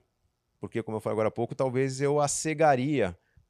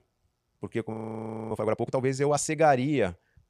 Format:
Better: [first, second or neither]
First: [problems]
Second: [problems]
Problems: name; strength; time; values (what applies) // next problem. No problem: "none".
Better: first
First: none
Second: audio freezing; at 1 s for 0.5 s